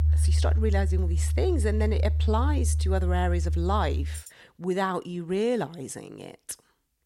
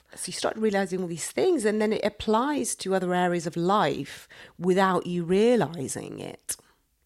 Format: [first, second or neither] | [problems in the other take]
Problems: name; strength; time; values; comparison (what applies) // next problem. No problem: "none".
second | background music; very loud; until 4 s; 4 dB above the speech